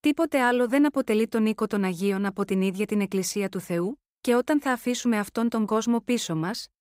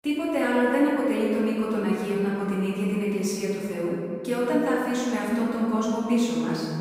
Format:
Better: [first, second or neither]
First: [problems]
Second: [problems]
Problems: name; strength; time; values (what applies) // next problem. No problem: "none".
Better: first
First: none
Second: room echo; strong; dies away in 2.1 s // off-mic speech; far